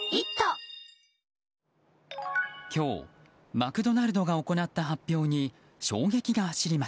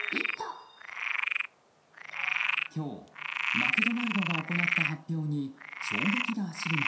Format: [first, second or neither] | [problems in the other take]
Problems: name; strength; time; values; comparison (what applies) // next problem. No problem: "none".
first | background sound (Frog); 3 dB above the speech // room echo; dies away in 0.7 s